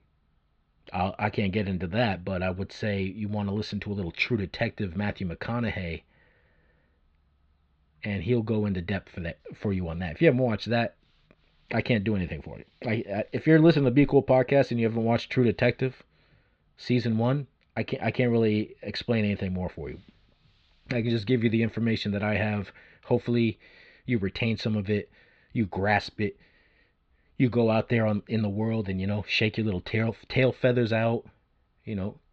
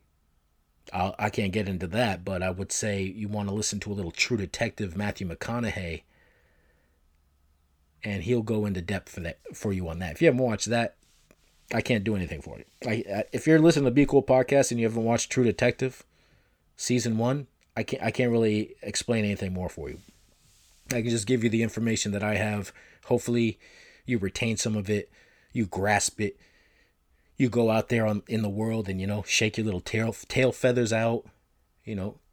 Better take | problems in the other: second | muffled; slightly; fading above 4 kHz

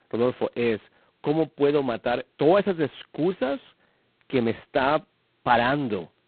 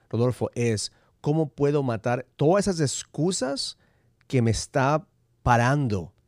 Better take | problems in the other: second | phone-call audio; poor line; nothing above 4 kHz

